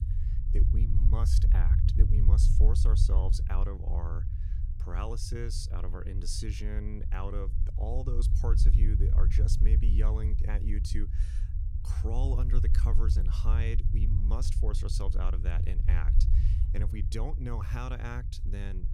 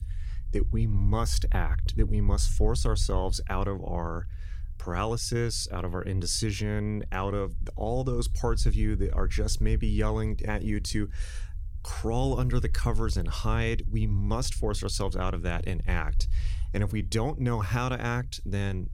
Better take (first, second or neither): second